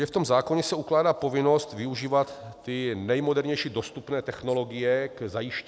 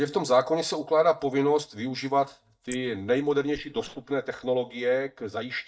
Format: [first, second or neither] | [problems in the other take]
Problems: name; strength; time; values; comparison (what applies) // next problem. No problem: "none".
first | noise reduction (neural mask model DeepFilterNet 3)